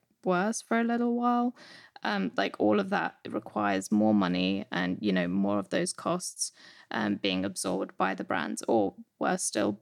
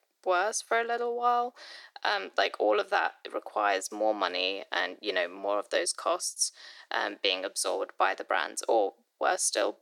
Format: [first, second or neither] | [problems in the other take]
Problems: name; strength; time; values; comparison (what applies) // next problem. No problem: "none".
first | thin; very; fading below 400 Hz